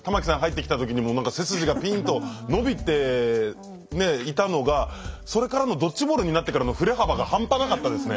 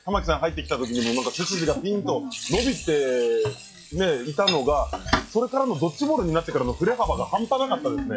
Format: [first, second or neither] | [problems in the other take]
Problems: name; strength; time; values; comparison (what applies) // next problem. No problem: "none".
first | noise reduction (classical method log-MMSE)